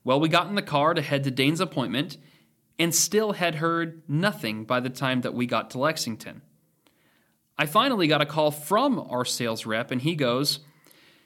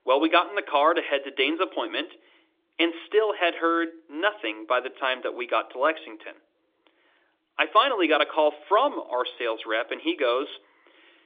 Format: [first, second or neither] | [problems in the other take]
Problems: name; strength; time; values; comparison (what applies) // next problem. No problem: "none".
first | phone-call audio